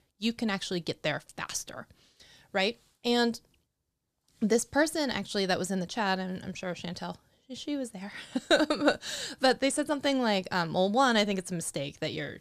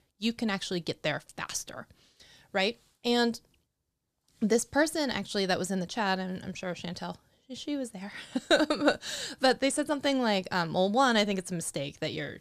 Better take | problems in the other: neither | none

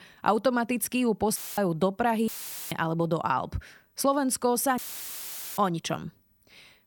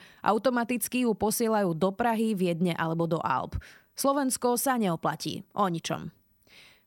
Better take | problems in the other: second | audio cutting out; filled with static; at 1.5 s, at 2.5 s and at 5 s for 1 s

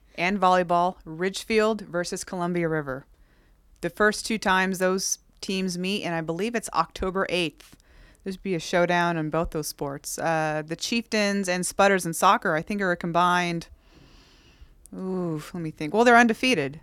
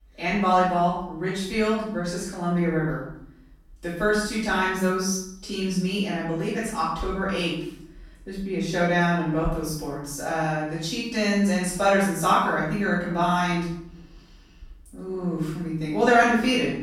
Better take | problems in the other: first | off-mic speech; far // room echo; noticeable; dies away in 0.7 s

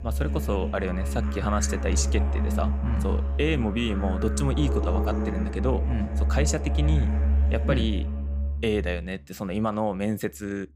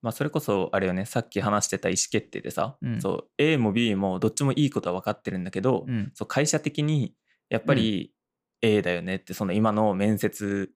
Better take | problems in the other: second | background music; very loud; until 8 s; 2 dB above the speech

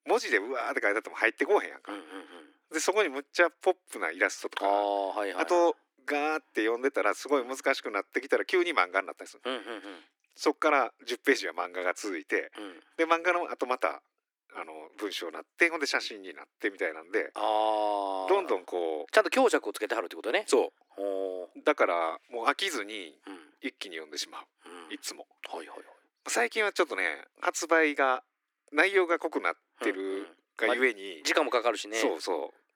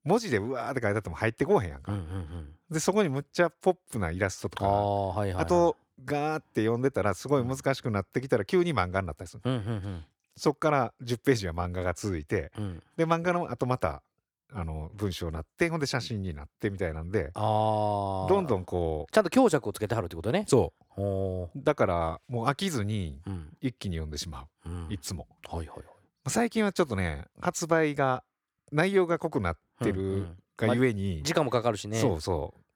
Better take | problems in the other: second | thin; somewhat; fading below 300 Hz

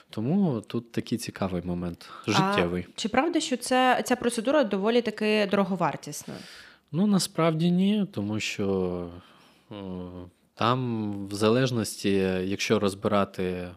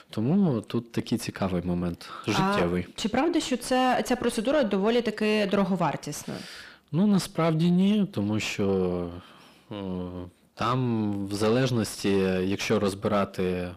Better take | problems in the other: first | distortion; slight; 10 dB below the speech

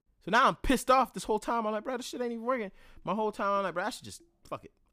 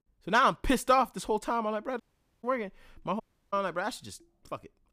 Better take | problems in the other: first | audio cutting out; at 2 s and at 3 s

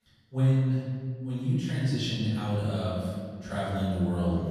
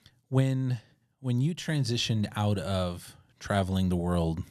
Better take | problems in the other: second | room echo; strong; dies away in 2 s // off-mic speech; far

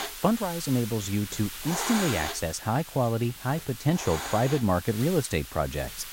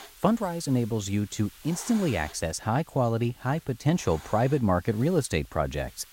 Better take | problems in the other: second | hiss; loud; throughout; 8 dB below the speech; faint in the second

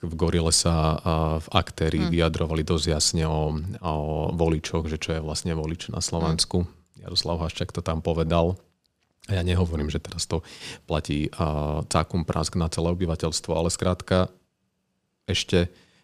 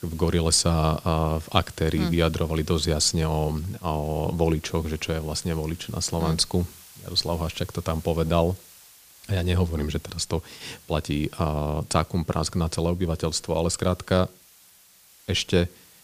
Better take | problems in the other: first | hiss; faint; throughout; 25 dB below the speech

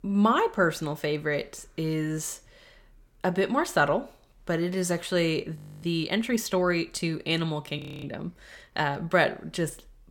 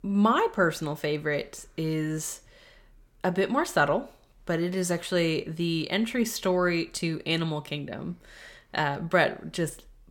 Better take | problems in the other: second | audio freezing; at 5.5 s and at 8 s

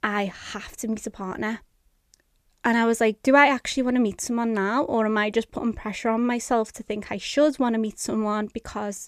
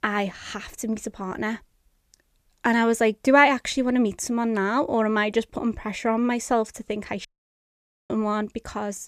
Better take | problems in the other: first | audio cutting out; at 7.5 s for 1 s

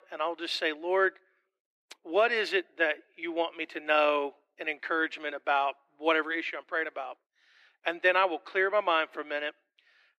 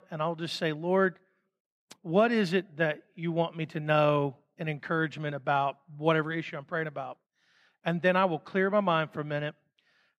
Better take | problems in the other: second | thin; very; fading below 300 Hz

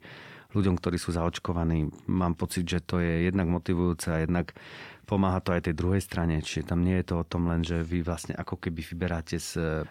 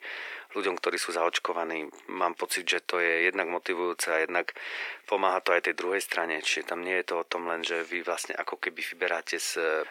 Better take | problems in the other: first | thin; very; fading below 400 Hz

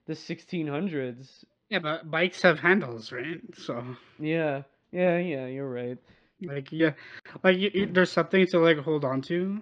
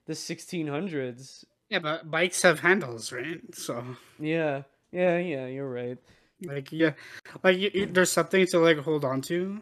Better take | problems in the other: second | muffled; slightly; fading above 4.5 kHz

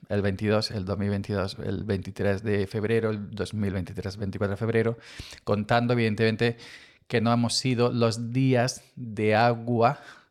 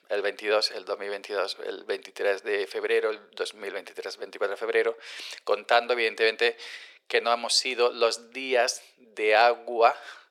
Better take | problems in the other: first | thin; very; fading below 400 Hz

